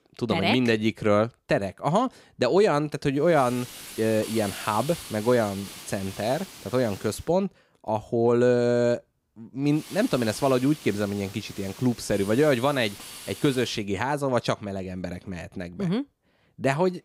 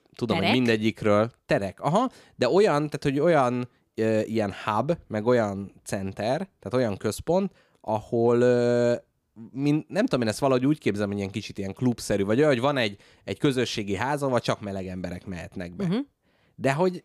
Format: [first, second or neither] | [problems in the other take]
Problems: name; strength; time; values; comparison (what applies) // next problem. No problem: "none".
second | hiss; noticeable; from 3.5 to 7 s and from 10 to 14 s; 15 dB below the speech